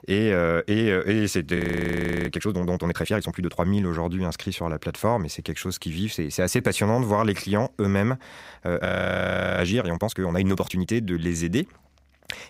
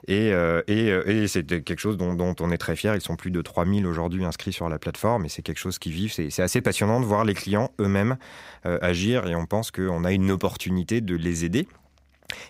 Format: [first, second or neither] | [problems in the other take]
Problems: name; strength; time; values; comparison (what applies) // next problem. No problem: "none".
second | audio freezing; at 1.5 s for 0.5 s and at 9 s for 0.5 s